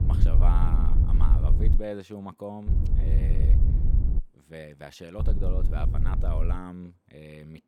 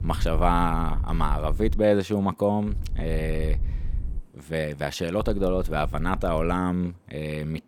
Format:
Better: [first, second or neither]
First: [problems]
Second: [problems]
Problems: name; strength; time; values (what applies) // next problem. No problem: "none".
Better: second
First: low rumble; loud; until 2 s, from 2.5 to 4 s and from 5 to 6.5 s; 3 dB below the speech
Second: low rumble; faint; until 2 s, from 2.5 to 4 s and from 5 to 6.5 s; 25 dB below the speech